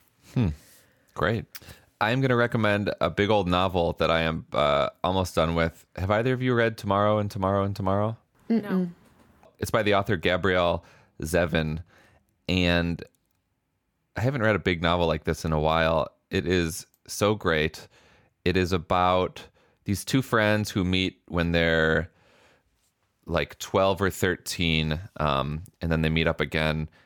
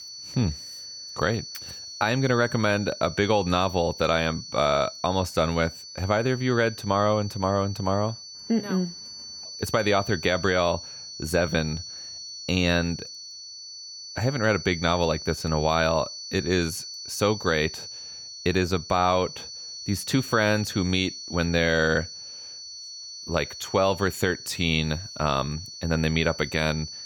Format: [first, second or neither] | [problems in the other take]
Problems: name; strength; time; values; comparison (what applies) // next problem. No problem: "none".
first | high-pitched whine; noticeable; throughout; 4.5 kHz, 10 dB below the speech